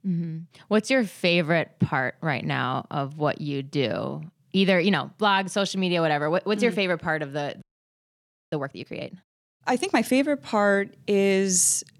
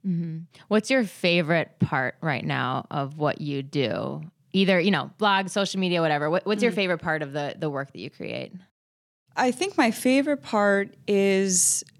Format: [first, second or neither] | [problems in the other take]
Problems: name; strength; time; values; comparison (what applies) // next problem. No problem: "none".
second | audio freezing; at 7.5 s for 1 s